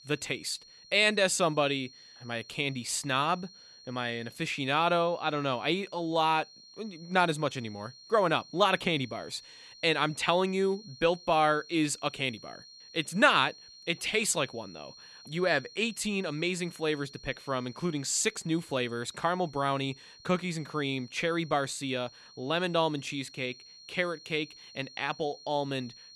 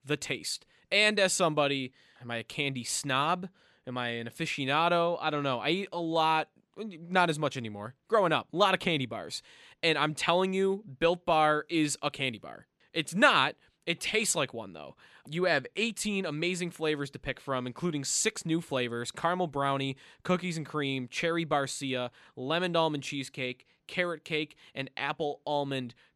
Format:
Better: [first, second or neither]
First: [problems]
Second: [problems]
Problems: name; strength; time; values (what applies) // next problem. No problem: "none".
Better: second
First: high-pitched whine; faint; throughout; 4 kHz, 20 dB below the speech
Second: none